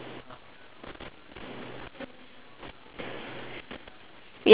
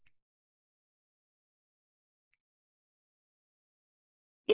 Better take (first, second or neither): first